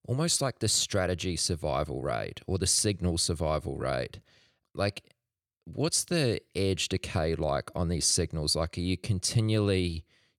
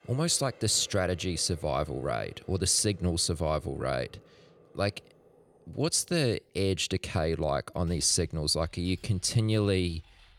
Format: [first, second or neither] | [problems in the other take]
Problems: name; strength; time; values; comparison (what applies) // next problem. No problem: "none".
first | household noises; faint; throughout; 30 dB below the speech